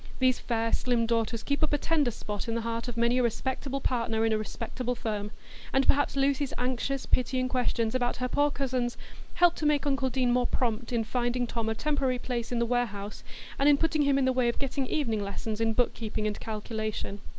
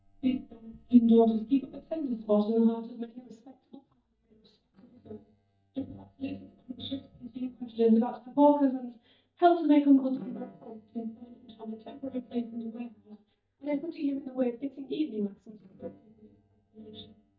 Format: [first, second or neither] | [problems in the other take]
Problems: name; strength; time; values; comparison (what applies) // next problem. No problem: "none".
first | noise reduction (neural mask model DeepFilterNet 3)